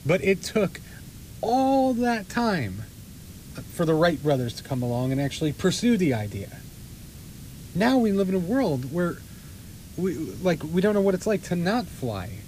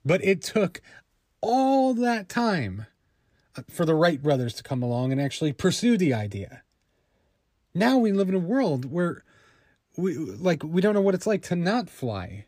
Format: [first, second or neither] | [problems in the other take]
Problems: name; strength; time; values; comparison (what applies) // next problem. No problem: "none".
second | hiss; noticeable; throughout; 20 dB below the speech